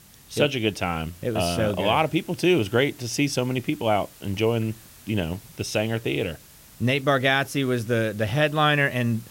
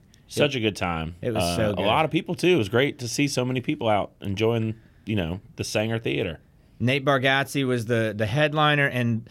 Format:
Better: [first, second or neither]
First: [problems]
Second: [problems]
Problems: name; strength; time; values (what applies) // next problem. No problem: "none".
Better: second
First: hiss; faint; throughout; 25 dB below the speech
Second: none